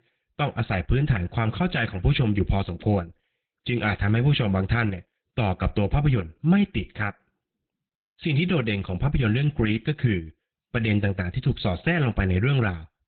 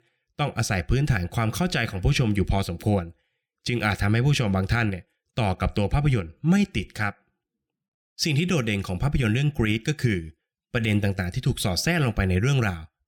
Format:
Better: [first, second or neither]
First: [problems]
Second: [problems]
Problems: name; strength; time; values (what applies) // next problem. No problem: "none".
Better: second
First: garbled, watery; badly; nothing above 4 kHz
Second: none